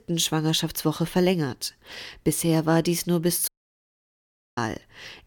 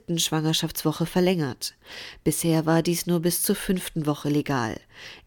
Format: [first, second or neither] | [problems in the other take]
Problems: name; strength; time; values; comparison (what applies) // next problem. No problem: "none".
second | audio cutting out; at 3.5 s for 1 s